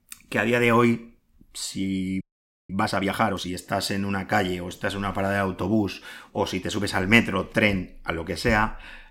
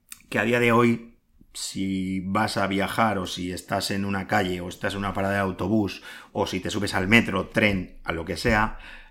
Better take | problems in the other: second | audio freezing; at 2 s

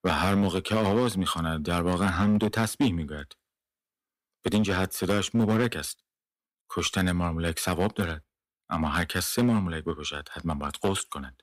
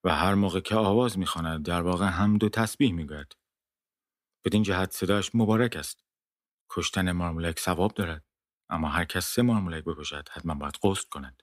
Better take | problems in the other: second | distortion; slight; 5% of the sound clipped

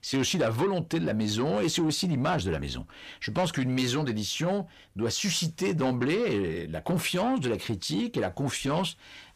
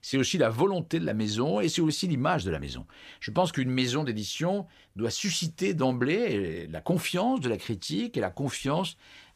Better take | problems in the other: second | distortion; slight; 10 dB below the speech

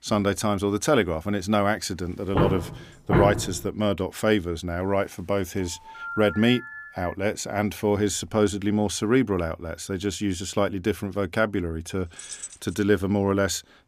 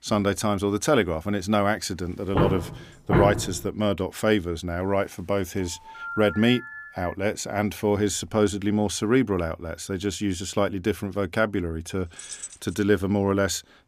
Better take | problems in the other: neither | footsteps; loud; from 2.5 to 3.5 s; peak 2 dB above the speech; the same in both // phone ringing; noticeable; from 5.5 to 7 s; peak 7 dB below the speech; the same in both // jangling keys; faint; at 12 s; peak 10 dB below the speech; the same in both

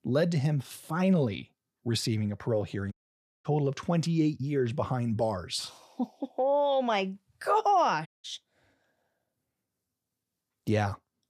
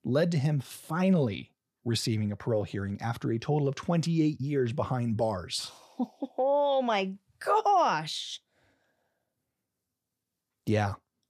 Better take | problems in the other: second | audio cutting out; at 3 s for 0.5 s and at 8 s

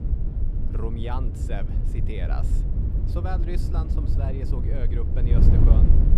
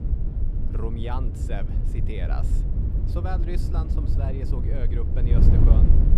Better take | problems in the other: neither | wind noise on the microphone; heavy; 1 dB below the speech; the same in both

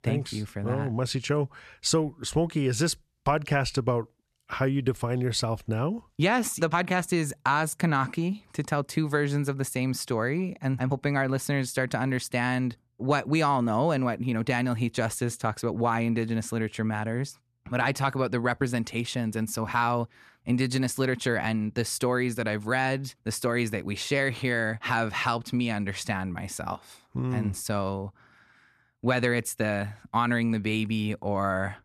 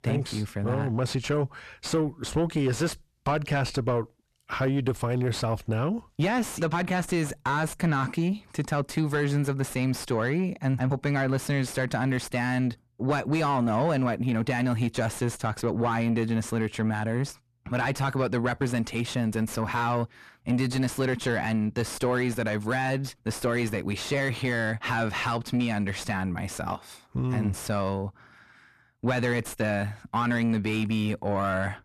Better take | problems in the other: first | distortion; slight; 9 dB below the speech

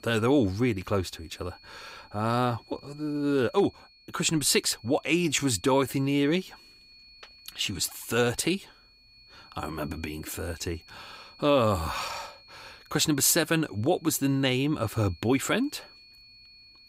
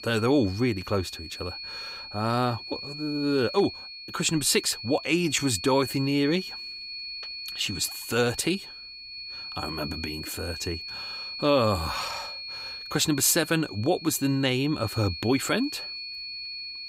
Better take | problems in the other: first | high-pitched whine; loud; throughout; 4.5 kHz, 9 dB below the speech; faint in the first

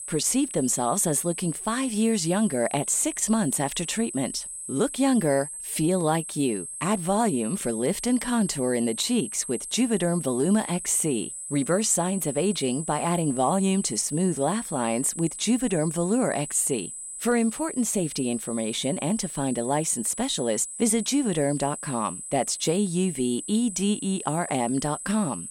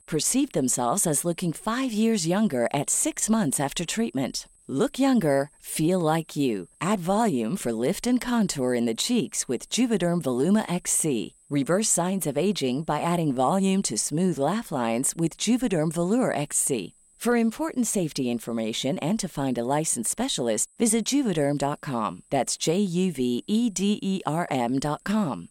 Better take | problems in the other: second | high-pitched whine; loud; throughout; 8 kHz, 8 dB below the speech; faint in the second

